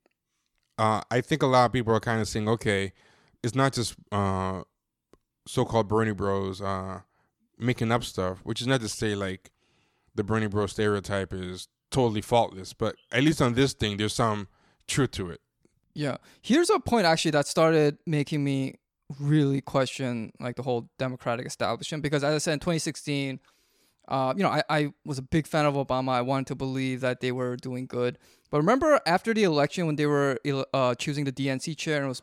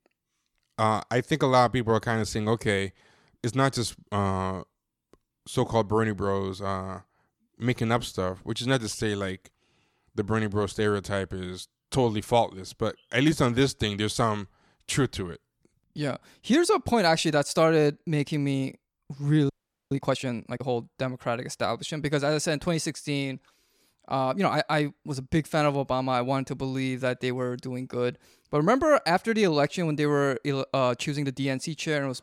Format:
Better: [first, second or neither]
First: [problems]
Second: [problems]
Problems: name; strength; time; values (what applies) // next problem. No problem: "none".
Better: first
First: none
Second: audio freezing; at 20 s